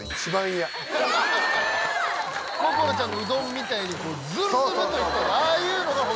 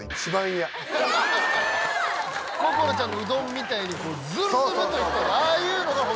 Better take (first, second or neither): second